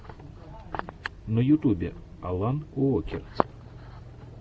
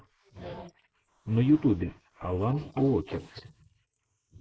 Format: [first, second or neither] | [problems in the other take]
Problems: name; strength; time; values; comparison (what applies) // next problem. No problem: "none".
first | noise reduction (neural mask model Resemble Enhance denoiser)